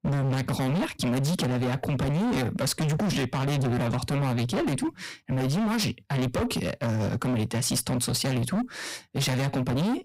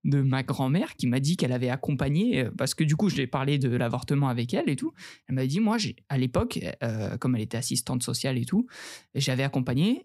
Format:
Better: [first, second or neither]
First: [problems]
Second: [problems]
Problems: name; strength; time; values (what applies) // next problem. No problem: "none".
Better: second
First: distortion; heavy; 38% of the sound clipped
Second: none